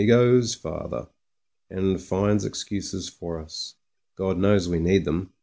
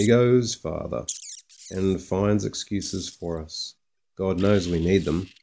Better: first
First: none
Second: background sound (Wild animals); 20 dB below the speech

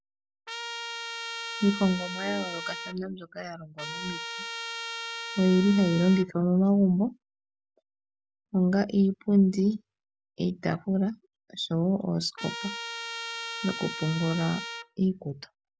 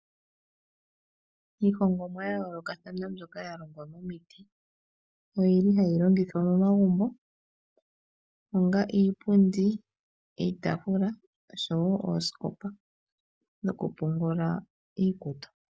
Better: second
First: background sound (Trumpet); 9 dB below the speech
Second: none

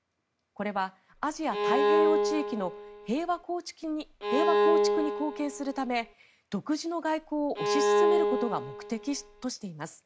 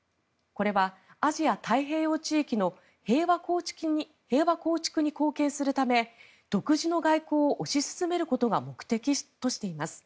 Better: second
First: background sound (Bowed string instrument); 5 dB above the speech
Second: none

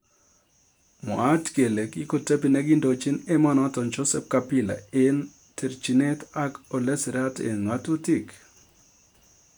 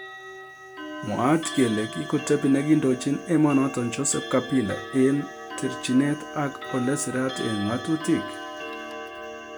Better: first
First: none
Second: background sound (Clock); 11 dB below the speech

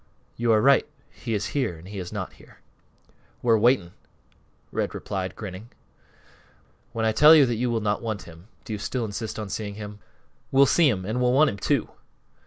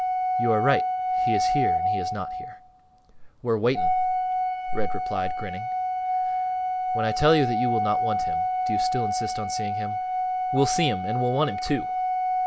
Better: first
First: none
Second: background sound (Organ); 3 dB above the speech

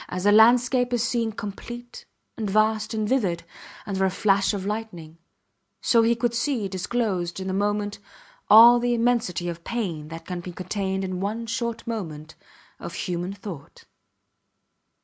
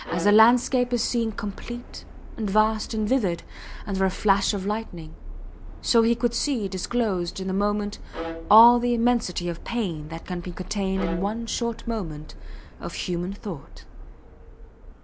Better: first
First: none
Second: background sound (Subway, metro, underground + Bowed string instrument); 12 dB below the speech

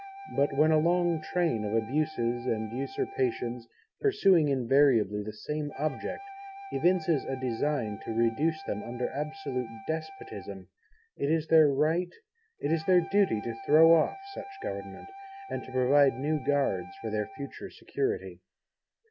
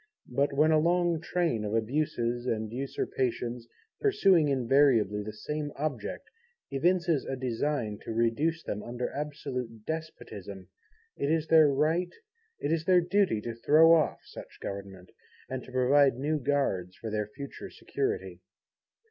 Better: second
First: background sound (Wind instrument, woodwind instrument); 16 dB below the speech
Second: none

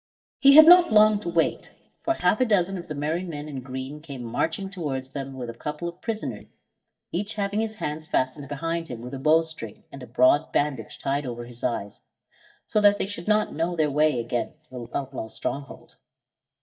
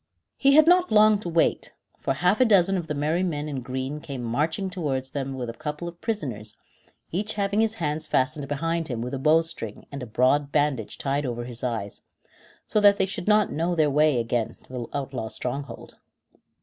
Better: second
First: noise reduction (neural mask model DeepFilterNet 3)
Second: none

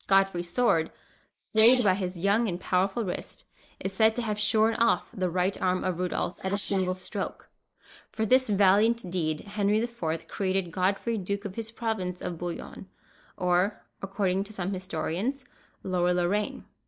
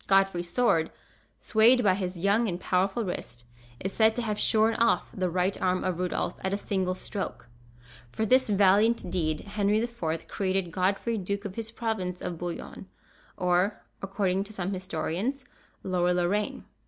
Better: second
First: noise reduction (neural mask model Resemble Enhance denoiser)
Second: none

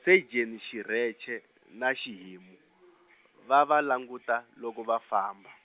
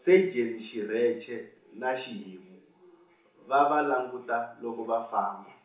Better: first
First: none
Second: room echo; dies away in 0.8 s

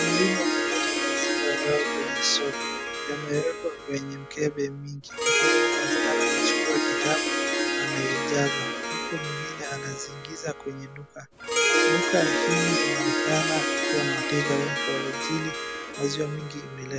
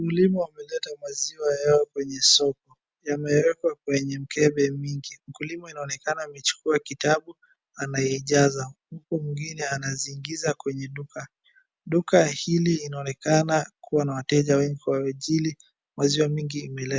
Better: second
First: background sound (Harp); 4 dB above the speech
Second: none

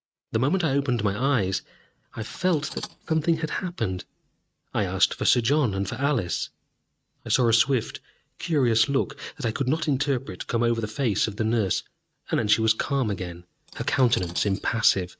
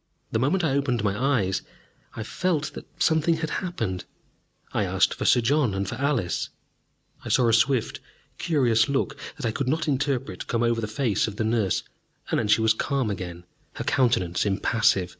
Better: second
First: noise reduction (neural mask model RNNoise)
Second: none

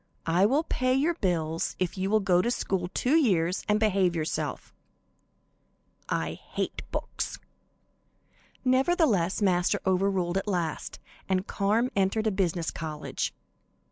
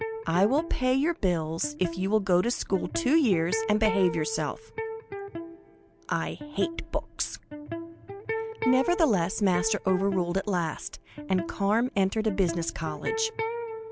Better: first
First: none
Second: background sound (Electric guitar); 9 dB below the speech

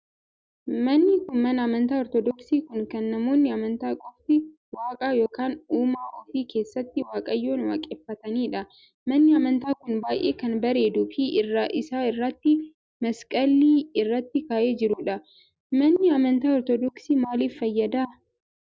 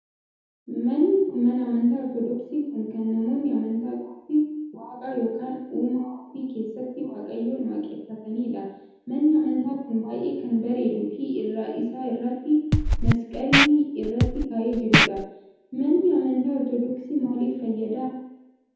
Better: first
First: none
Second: background sound (Scratching (performance technique)); 3 dB above the speech // room echo; dies away in 0.9 s

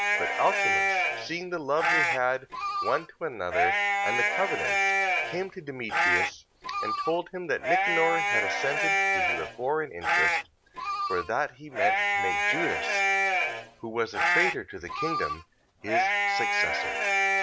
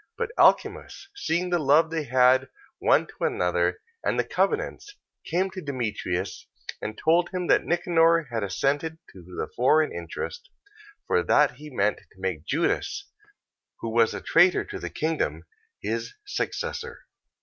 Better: second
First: background sound (Livestock, farm animals, working animals); 5 dB above the speech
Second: none

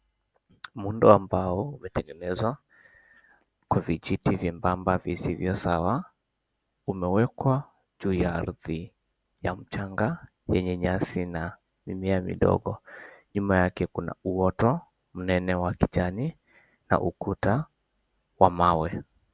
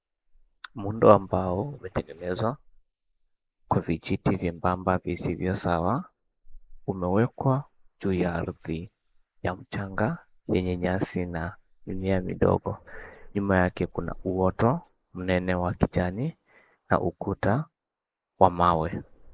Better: first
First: none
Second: noise reduction (neural mask model Resemble Enhance denoiser)

